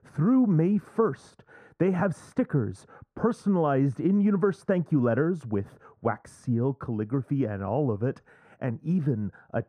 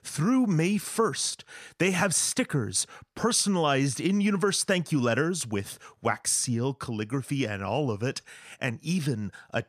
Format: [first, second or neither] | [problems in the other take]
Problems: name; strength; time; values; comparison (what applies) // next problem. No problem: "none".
second | muffled; very; fading above 1.5 kHz